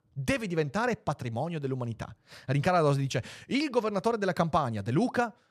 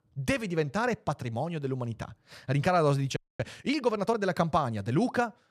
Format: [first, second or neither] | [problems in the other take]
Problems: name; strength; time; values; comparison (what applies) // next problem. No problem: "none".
first | audio freezing; at 3 s